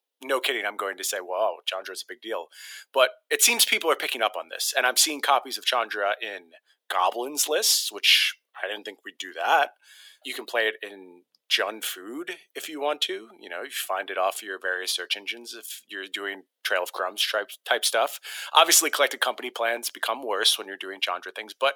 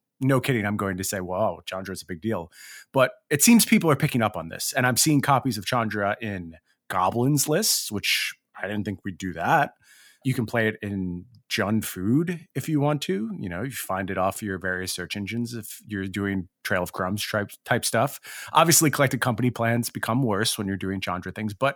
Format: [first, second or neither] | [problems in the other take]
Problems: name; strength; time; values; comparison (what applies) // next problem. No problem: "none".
second | thin; very; fading below 400 Hz